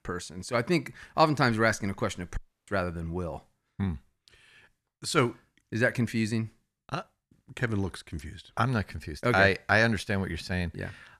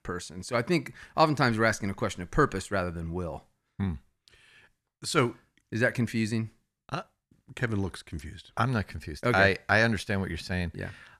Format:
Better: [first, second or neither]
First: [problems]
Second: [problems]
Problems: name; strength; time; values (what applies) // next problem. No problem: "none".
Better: second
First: audio cutting out; at 2.5 s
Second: none